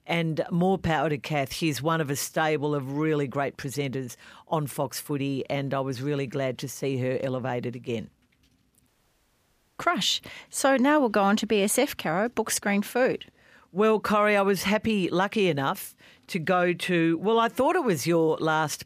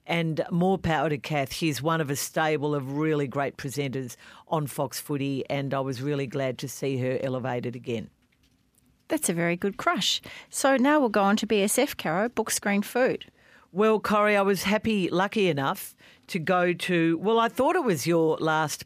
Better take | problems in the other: second | audio cutting out; at 9 s for 1 s

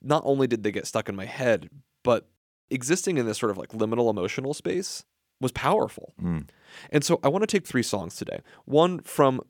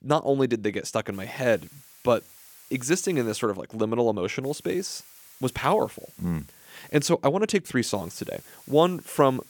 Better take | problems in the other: first | hiss; faint; from 1 to 3.5 s, from 4.5 to 7 s and from 8 s on; 20 dB below the speech

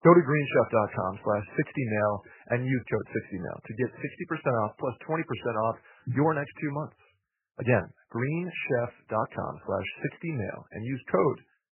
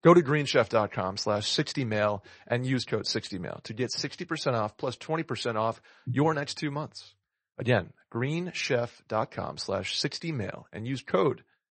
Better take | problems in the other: second | garbled, watery; badly; nothing above 3 kHz; slightly in the second

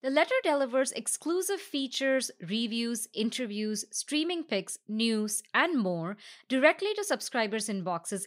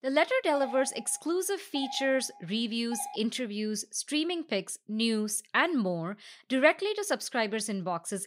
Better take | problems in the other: first | doorbell; noticeable; from 0.5 to 3 s; peak 10 dB below the speech

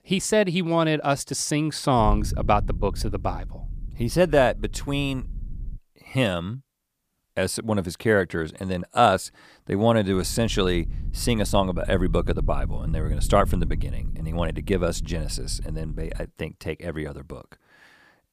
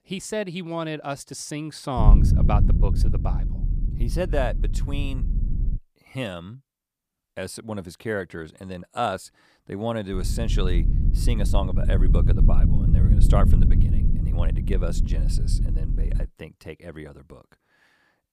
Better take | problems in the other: first | low rumble; loud; from 2 to 6 s and from 10 to 16 s; 6 dB below the speech; faint in the first

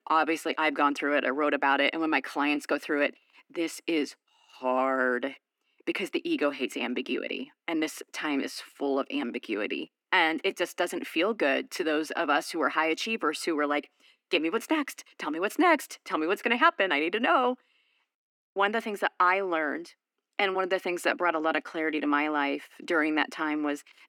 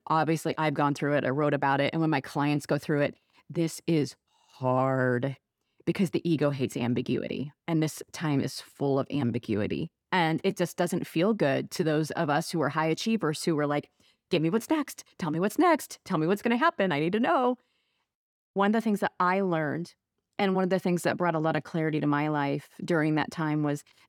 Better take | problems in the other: second | thin; very slightly; fading below 250 Hz

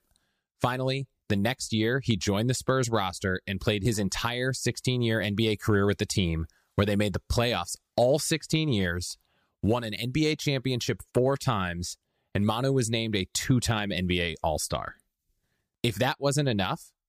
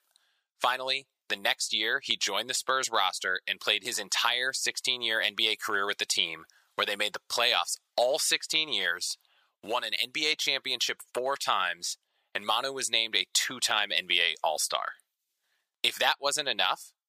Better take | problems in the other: first | thin; very; fading below 900 Hz

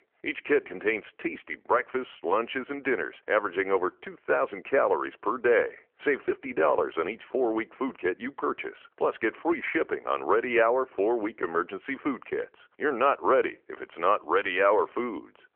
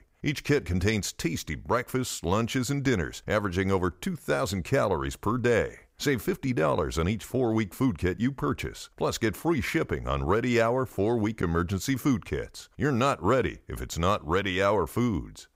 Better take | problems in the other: second | phone-call audio; nothing above 3 kHz

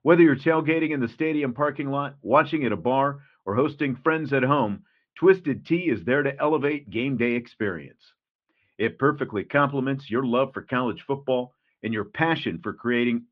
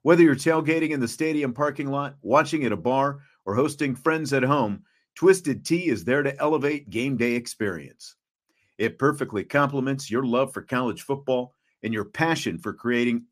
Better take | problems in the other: second | muffled; very; fading above 3.5 kHz

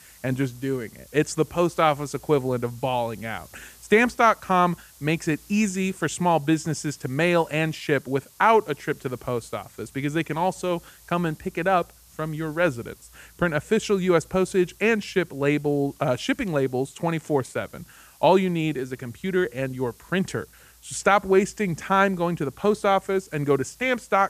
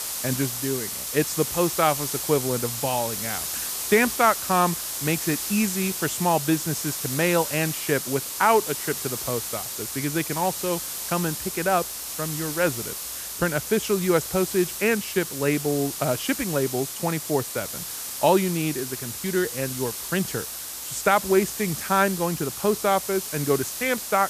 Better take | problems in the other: first | hiss; loud; throughout; 4 dB below the speech; faint in the first

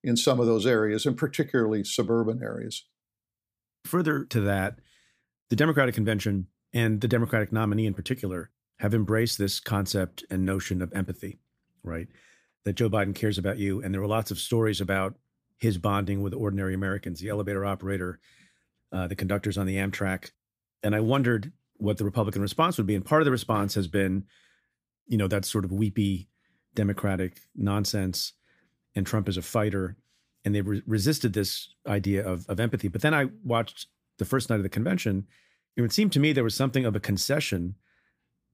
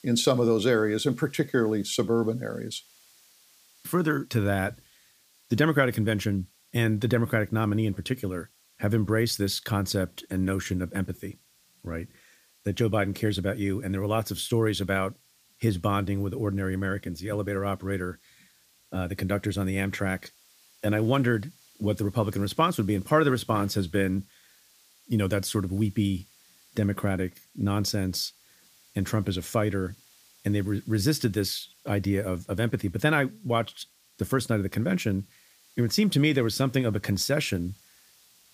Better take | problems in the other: first | hiss; faint; throughout; 30 dB below the speech

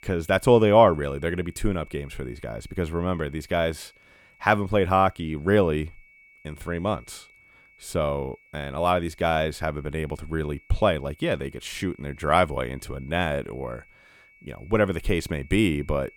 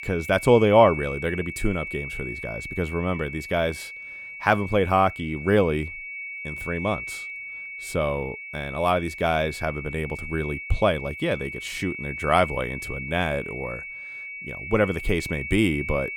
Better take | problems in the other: first | high-pitched whine; loud; throughout; 2 kHz, 9 dB below the speech; faint in the first

